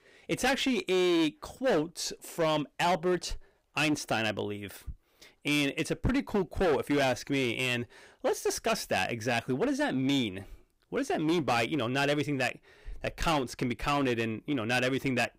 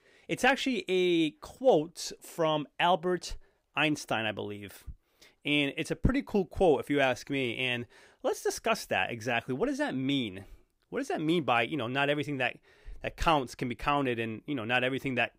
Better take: second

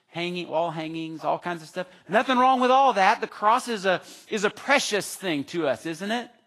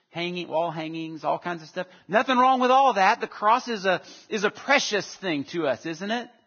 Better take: first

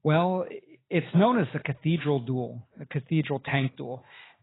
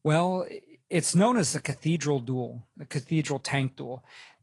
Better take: second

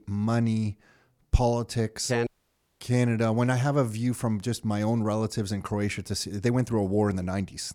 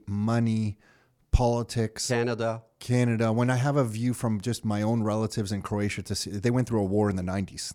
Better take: second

